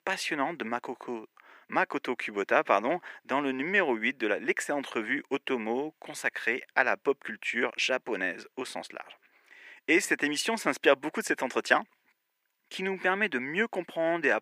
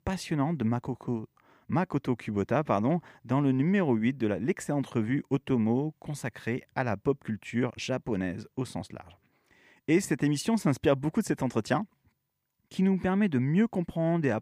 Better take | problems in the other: second | thin; very; fading below 350 Hz

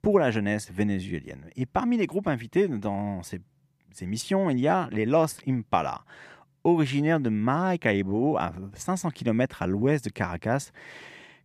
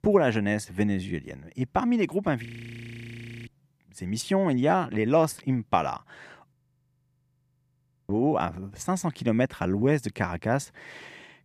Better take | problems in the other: first | audio freezing; at 2.5 s for 1 s and at 6.5 s for 1.5 s

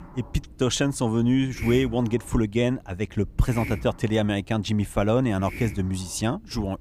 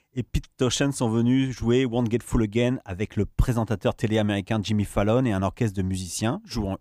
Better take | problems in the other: second | hiss; noticeable; throughout; 15 dB below the speech

